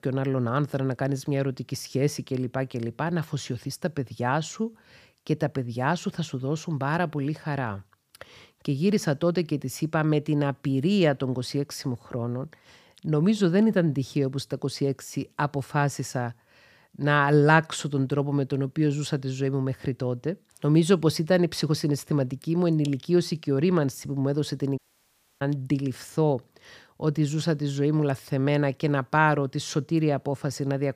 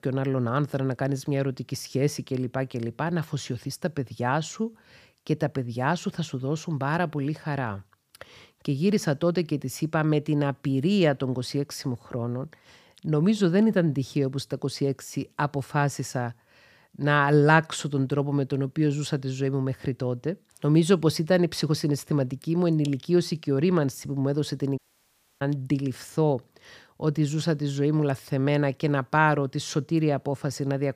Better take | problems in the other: neither | audio cutting out; at 25 s for 0.5 s; the same in both

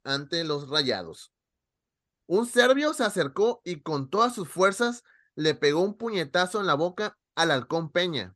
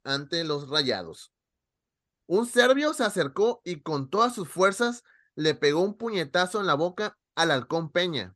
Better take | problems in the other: neither | none

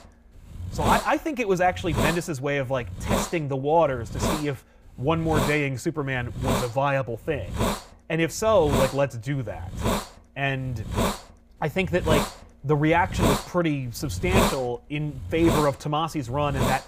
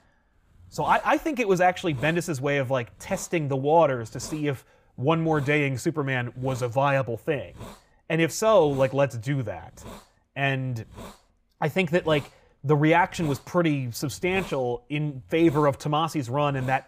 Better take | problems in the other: second | hiss; loud; throughout; 3 dB below the speech; faint in the second

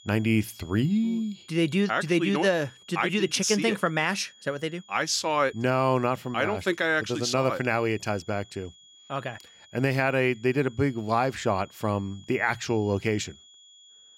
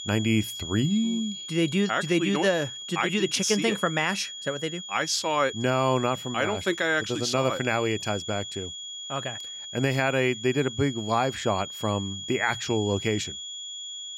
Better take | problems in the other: first | high-pitched whine; loud; throughout; 3.5 kHz, 9 dB below the speech; faint in the first

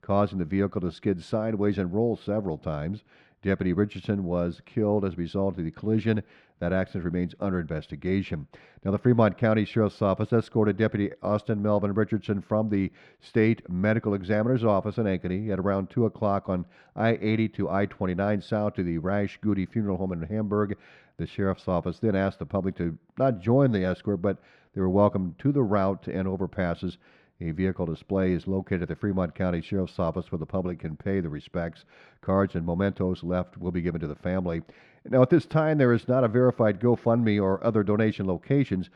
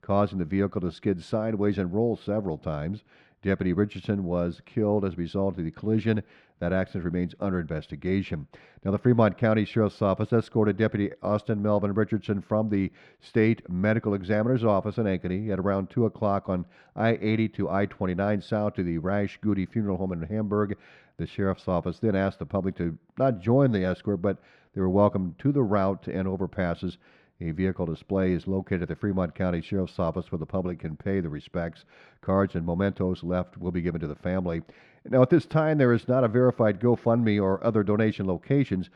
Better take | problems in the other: neither | muffled; slightly; fading above 3 kHz; the same in both

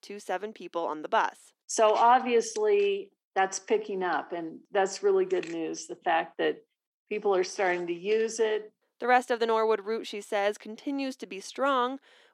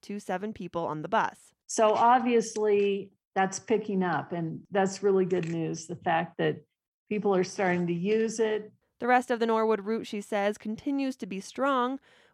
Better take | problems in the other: second | thin; somewhat; fading below 300 Hz

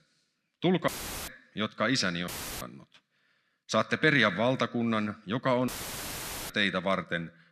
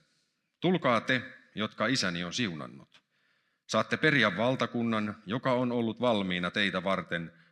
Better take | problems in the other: second | audio cutting out; filled with static; at 1 s, at 2.5 s and at 5.5 s for 1 s

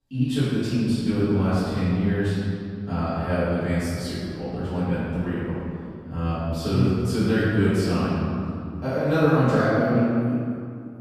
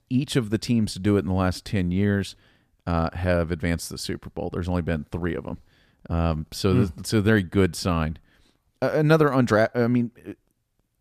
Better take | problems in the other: second | off-mic speech; far // room echo; strong; dies away in 2.3 s

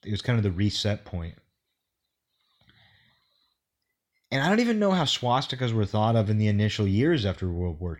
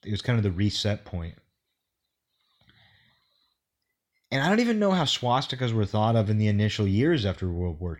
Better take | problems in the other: neither | none

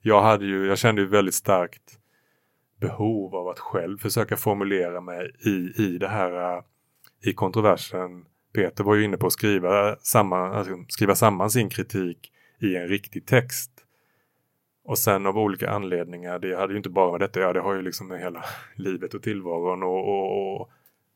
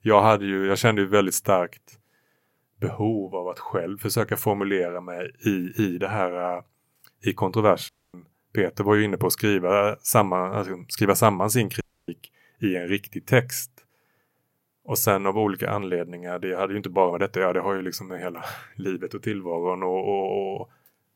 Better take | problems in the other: first | audio cutting out; at 8 s and at 12 s

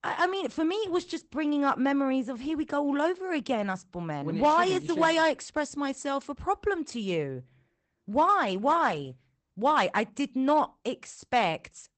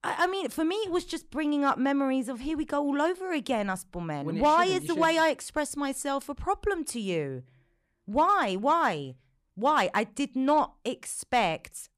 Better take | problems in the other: second | garbled, watery; badly; nothing above 8 kHz

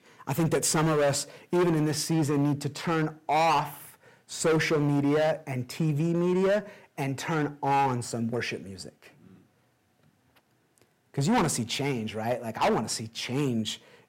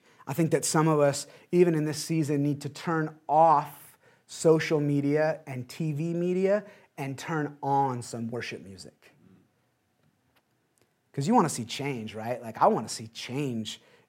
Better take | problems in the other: second | distortion; heavy; 10% of the sound clipped

